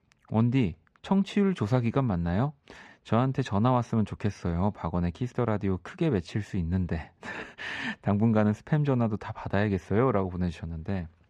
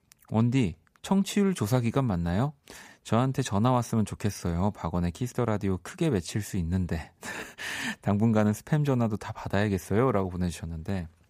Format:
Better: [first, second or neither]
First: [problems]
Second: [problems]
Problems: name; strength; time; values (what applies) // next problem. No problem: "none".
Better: second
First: muffled; slightly; fading above 3.5 kHz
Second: none